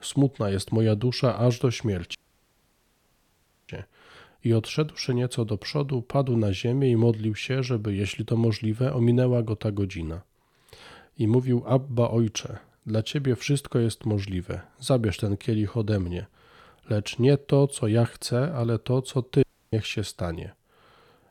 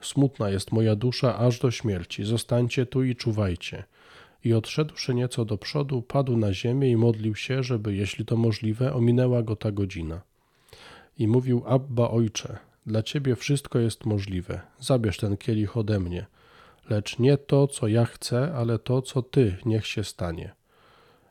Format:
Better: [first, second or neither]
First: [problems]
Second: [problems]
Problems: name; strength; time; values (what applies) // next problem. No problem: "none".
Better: second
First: audio cutting out; at 2 s for 1.5 s and at 19 s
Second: none